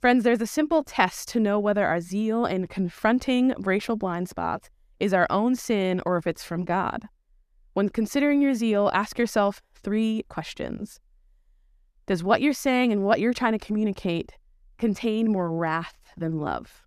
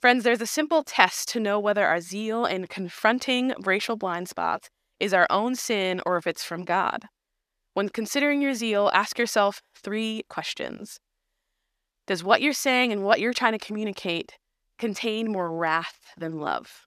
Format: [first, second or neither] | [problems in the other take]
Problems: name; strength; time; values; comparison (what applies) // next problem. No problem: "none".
first | thin; very slightly; fading below 600 Hz